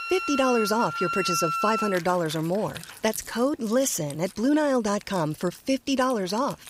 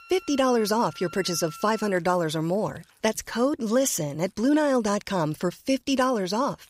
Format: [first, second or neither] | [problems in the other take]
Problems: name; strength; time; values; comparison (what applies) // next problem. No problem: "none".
second | background music; loud; throughout; 5 dB below the speech; faint in the second